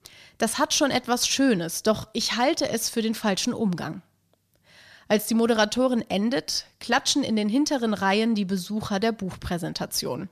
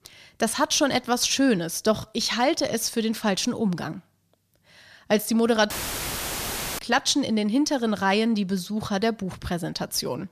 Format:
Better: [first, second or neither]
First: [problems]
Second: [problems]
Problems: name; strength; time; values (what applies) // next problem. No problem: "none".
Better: first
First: none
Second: audio cutting out; filled with static; at 5.5 s for 1 s